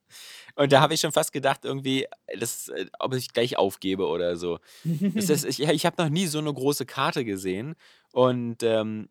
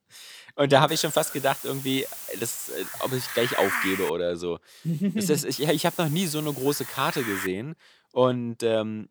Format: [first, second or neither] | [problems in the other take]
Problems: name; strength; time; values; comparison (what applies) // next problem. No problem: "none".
first | hiss; loud; from 1 to 4 s and from 5.5 to 7.5 s; 6 dB below the speech